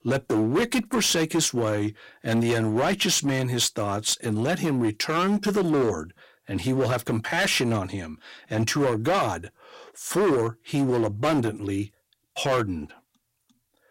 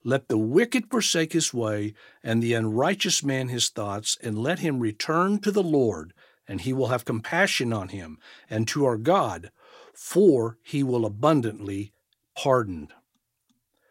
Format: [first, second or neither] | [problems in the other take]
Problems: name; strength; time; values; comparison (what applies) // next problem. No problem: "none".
second | distortion; heavy; 12% of the sound clipped